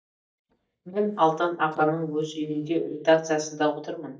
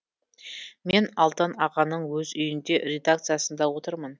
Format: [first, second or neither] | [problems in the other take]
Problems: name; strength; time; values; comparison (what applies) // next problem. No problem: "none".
second | noise reduction (neural mask model DeepFilterNet 3)